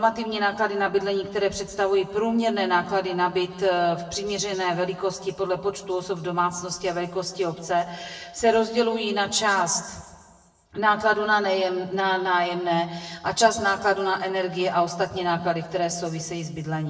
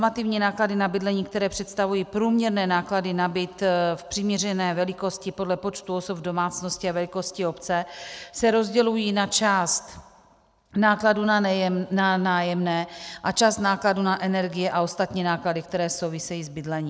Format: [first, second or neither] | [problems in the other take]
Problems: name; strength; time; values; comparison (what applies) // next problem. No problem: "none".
second | room echo; dies away in 1 s